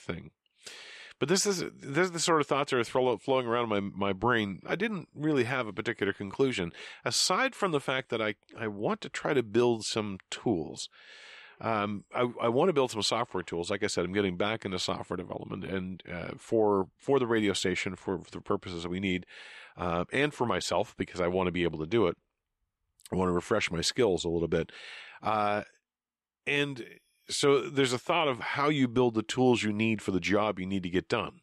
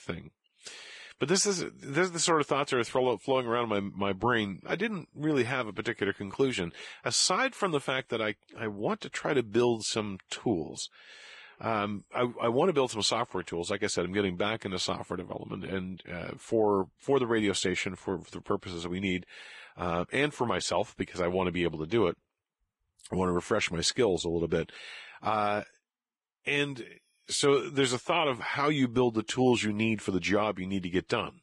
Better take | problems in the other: first | garbled, watery; badly

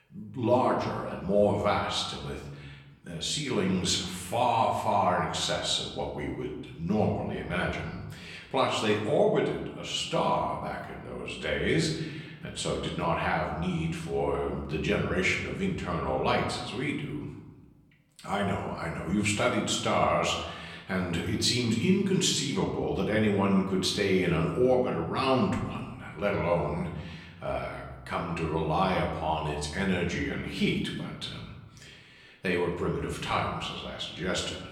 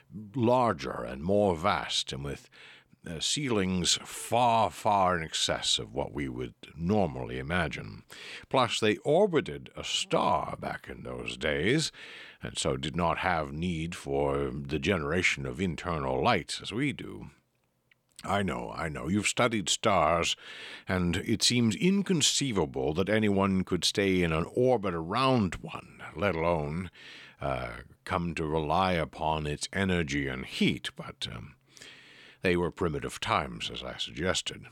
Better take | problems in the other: second | room echo; noticeable; dies away in 1.1 s // off-mic speech; far

